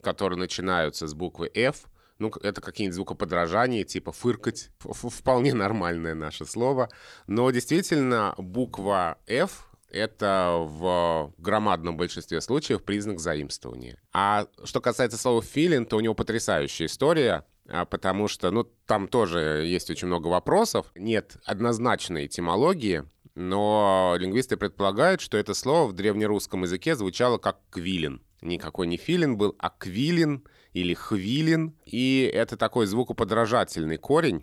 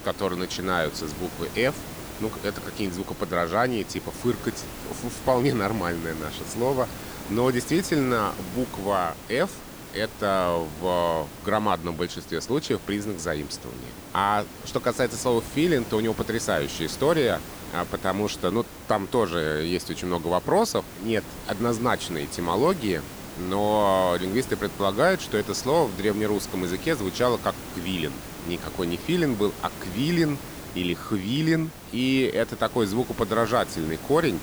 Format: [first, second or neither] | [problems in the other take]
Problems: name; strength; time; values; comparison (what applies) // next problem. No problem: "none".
first | hiss; noticeable; throughout; 10 dB below the speech